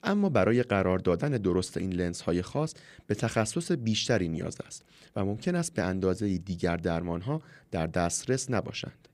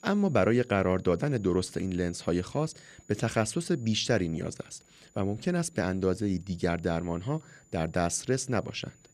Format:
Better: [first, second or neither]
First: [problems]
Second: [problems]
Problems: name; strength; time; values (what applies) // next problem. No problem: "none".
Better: first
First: none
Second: high-pitched whine; faint; throughout; 7 kHz, 30 dB below the speech